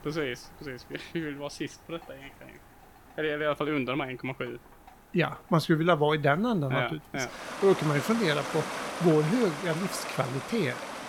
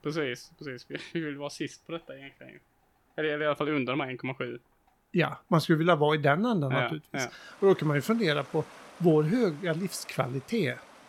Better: second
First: rain or running water; loud; throughout; 7 dB below the speech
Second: rain or running water; faint; throughout; 20 dB below the speech

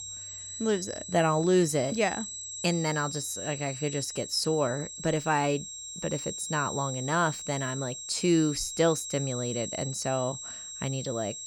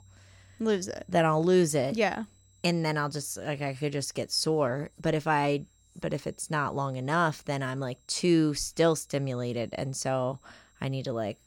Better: second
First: high-pitched whine; loud; throughout; 7.5 kHz, 7 dB below the speech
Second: high-pitched whine; faint; throughout; 7.5 kHz, 35 dB below the speech

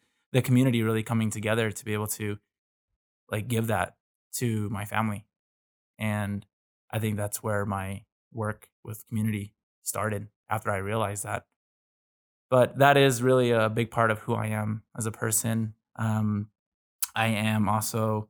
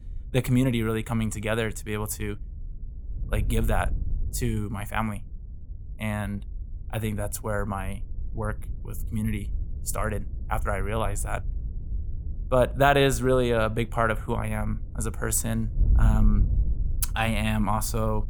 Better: first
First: none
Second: wind noise on the microphone; occasional gusts; 25 dB below the speech

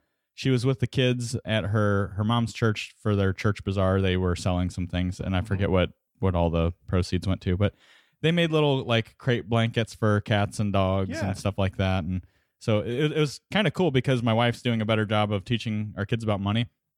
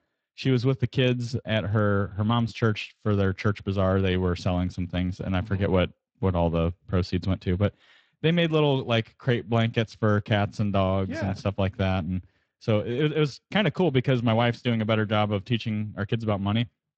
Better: first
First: none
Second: garbled, watery; slightly

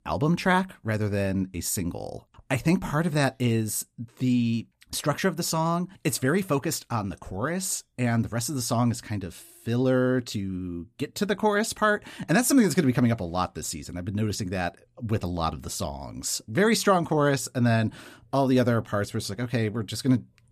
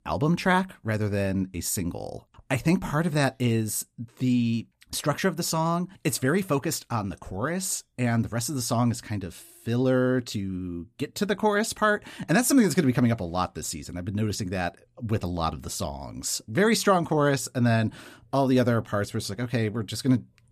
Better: neither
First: none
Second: none

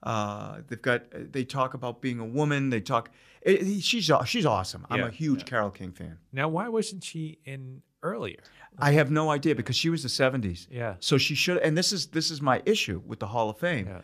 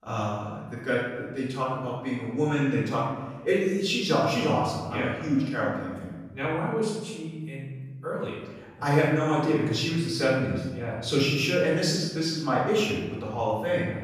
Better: first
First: none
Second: off-mic speech; far // room echo; noticeable; dies away in 1.1 s

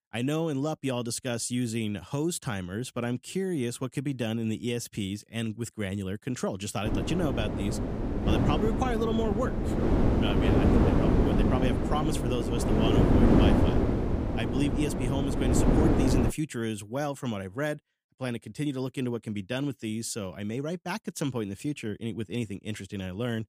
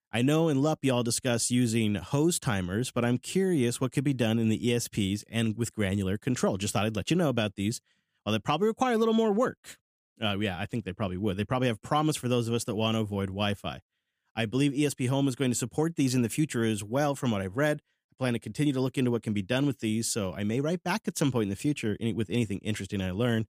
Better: second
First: wind noise on the microphone; heavy; from 7 to 16 s; 3 dB above the speech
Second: none

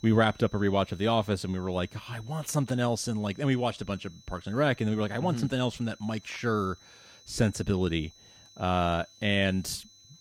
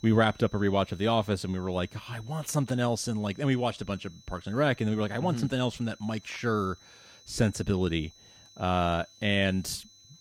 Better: neither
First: high-pitched whine; faint; throughout; 4 kHz, 25 dB below the speech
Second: high-pitched whine; faint; throughout; 4 kHz, 25 dB below the speech

